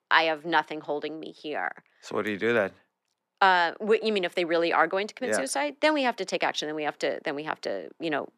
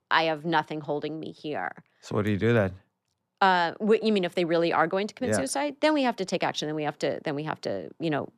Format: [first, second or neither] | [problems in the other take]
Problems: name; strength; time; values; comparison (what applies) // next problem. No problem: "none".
second | thin; very slightly; fading below 300 Hz